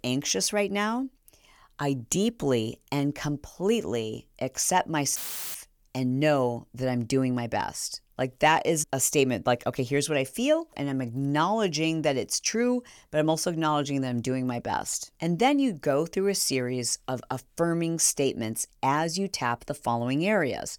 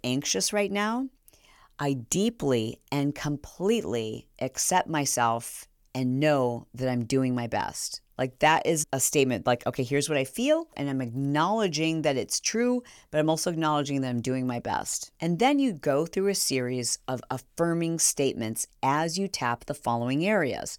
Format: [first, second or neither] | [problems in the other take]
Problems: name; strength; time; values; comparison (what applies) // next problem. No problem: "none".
second | audio cutting out; filled with static; at 5 s